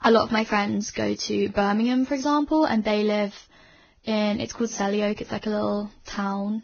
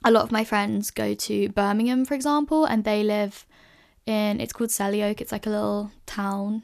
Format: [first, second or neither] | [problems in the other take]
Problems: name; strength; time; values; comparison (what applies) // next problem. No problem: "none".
second | garbled, watery; badly; nothing above 6.5 kHz